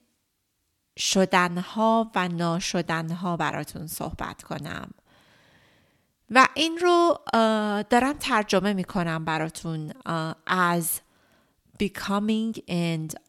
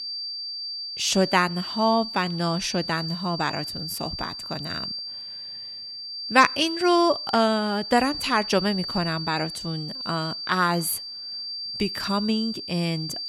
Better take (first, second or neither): first